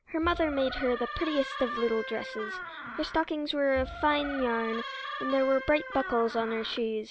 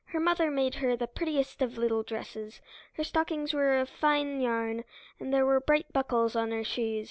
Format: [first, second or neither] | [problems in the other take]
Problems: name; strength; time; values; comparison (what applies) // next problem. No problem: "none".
second | background sound (Door); 9 dB below the speech